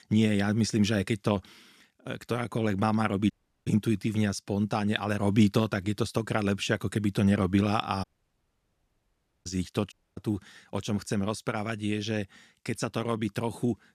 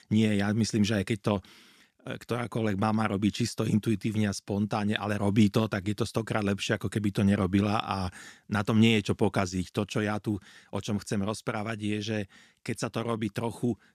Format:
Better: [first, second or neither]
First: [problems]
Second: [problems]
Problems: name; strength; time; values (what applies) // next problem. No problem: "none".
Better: second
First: audio cutting out; at 3.5 s, at 8 s for 1.5 s and at 10 s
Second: none